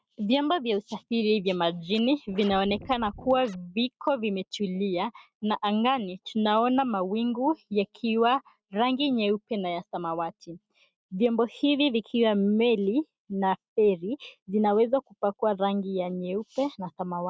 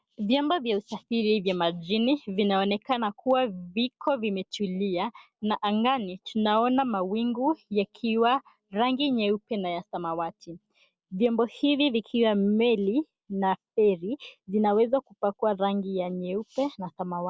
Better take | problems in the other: second | noise reduction (neural mask model RNNoise)

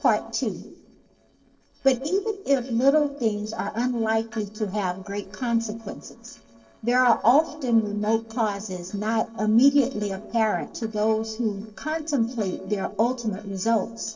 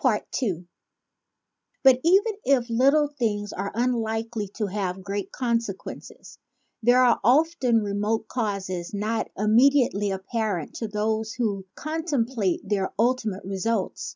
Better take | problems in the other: second | noise reduction (neural separator model SepFormer DNS4)

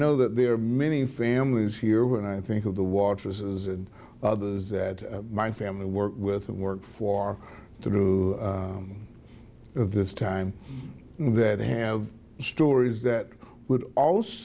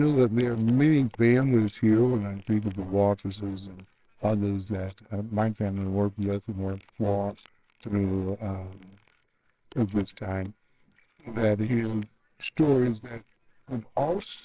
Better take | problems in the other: first | noise reduction (neural separator model SepFormer WHAMR!)

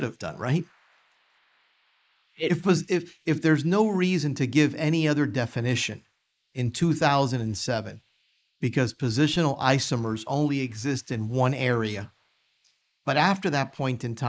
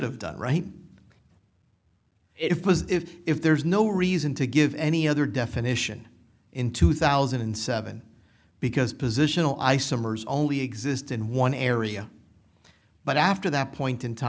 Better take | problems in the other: second | noise reduction (neural mask model Resemble Enhance denoiser)

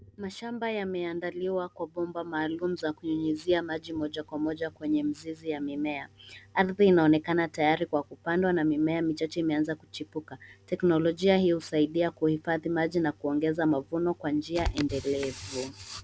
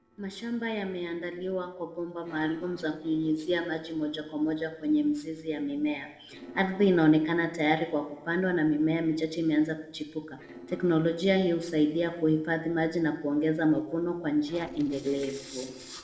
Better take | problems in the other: first | noise reduction (neural separator model SepFormer DNS4)

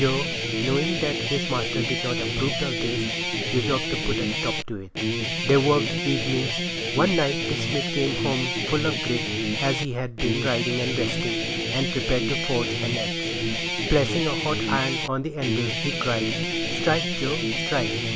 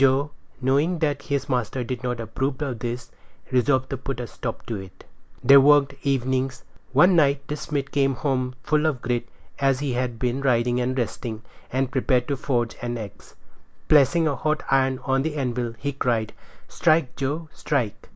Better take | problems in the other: second | background sound (Guitar); as loud as the speech

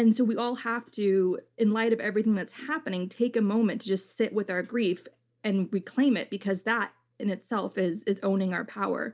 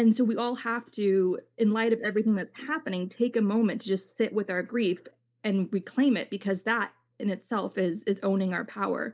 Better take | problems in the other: first | noise reduction (neural mask model Resemble Enhance denoiser)

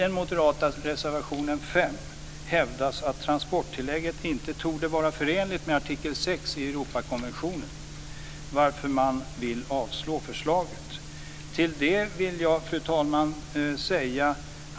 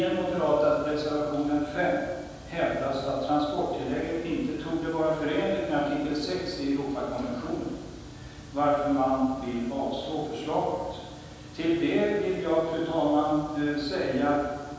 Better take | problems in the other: first | room echo; dies away in 1.2 s

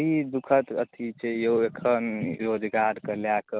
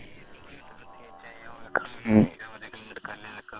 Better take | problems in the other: first | noise reduction (neural separator model SepFormer WHAM!)

